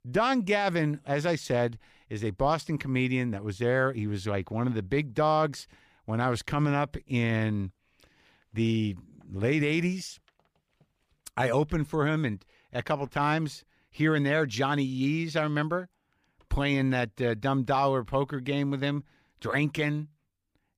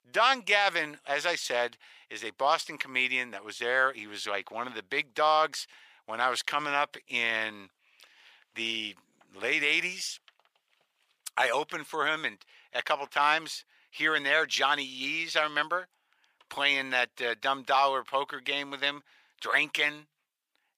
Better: first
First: none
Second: thin; very; fading below 800 Hz

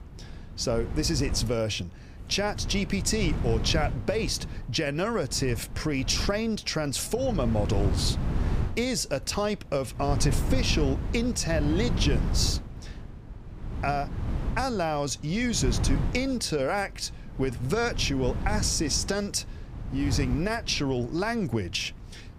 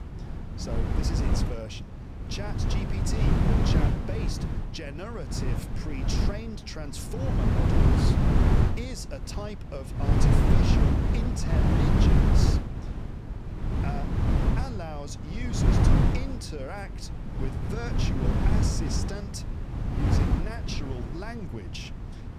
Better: first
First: wind noise on the microphone; occasional gusts; 15 dB below the speech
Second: wind noise on the microphone; heavy; 5 dB above the speech

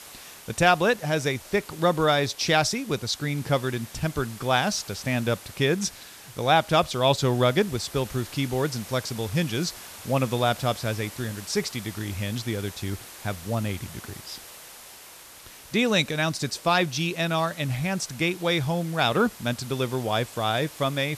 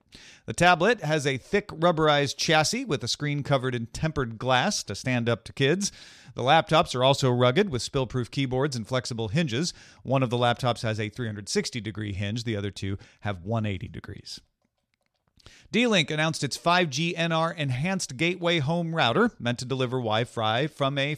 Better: second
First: hiss; noticeable; throughout; 15 dB below the speech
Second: none

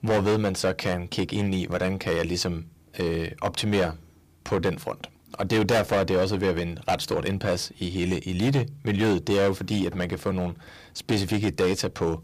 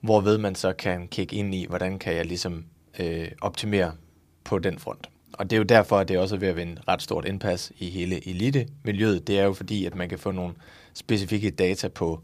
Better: second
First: distortion; heavy; 8% of the sound clipped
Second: none

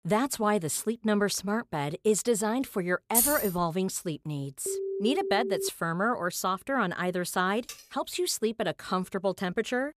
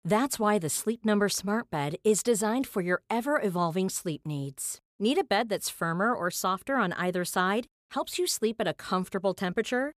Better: second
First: jangling keys; loud; at 3 s; peak 6 dB above the speech // phone ringing; noticeable; from 4.5 to 5.5 s; peak 4 dB below the speech // clattering dishes; faint; at 7.5 s; peak 15 dB below the speech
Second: none

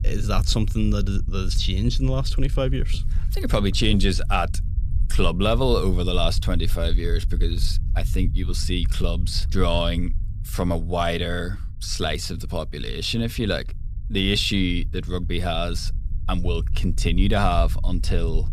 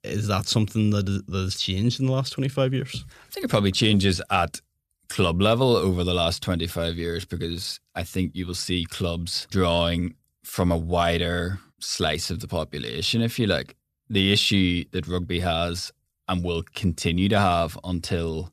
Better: second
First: low rumble; faint; throughout; 20 dB below the speech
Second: none

